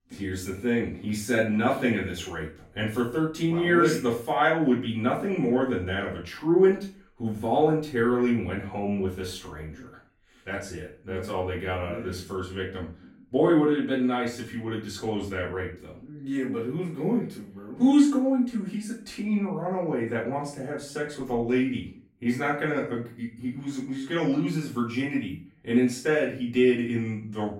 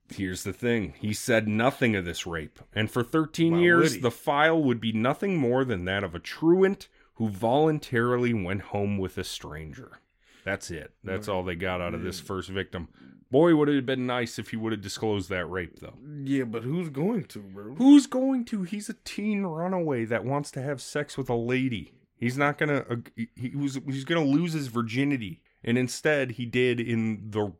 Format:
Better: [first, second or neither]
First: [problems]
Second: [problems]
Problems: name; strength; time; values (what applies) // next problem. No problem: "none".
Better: second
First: off-mic speech; far // room echo; slight; dies away in 0.4 s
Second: none